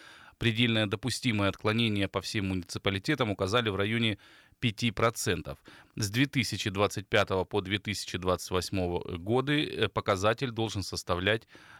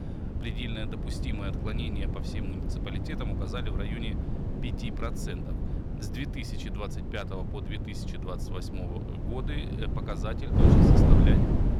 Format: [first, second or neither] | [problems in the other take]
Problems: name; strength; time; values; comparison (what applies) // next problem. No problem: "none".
first | wind noise on the microphone; heavy; 3 dB above the speech